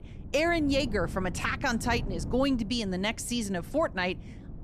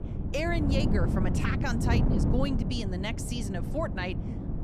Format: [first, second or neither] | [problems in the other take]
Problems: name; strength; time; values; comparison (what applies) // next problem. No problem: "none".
first | wind noise on the microphone; heavy; 4 dB below the speech; occasional gusts in the first